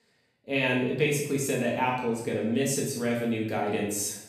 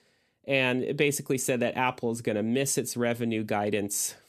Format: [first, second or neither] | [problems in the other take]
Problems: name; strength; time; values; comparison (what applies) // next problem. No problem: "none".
second | room echo; noticeable; dies away in 0.7 s // off-mic speech; far